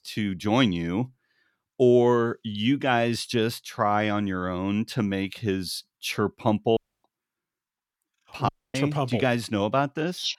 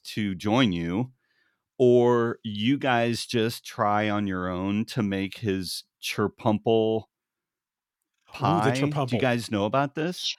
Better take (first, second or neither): second